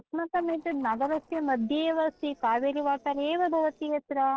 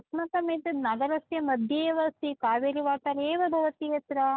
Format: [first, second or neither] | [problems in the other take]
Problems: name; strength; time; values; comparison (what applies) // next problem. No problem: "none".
second | noise reduction (neural separator model SepFormer DNS4)